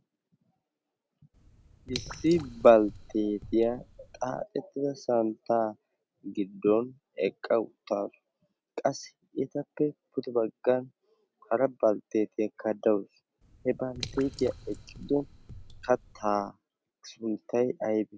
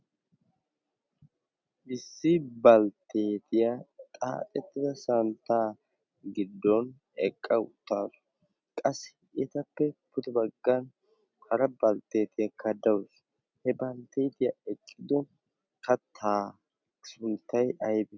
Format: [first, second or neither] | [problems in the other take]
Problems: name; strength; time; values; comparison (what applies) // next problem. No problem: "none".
second | background sound (Drip / Water); 15 dB below the speech